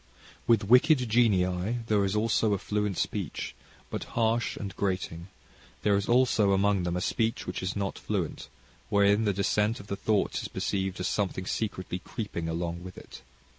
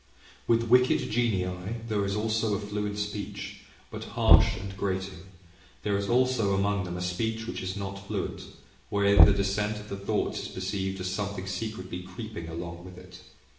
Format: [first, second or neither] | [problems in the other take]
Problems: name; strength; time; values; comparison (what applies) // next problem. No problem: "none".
first | background sound (Knock); 2 dB above the speech // room echo; dies away in 0.8 s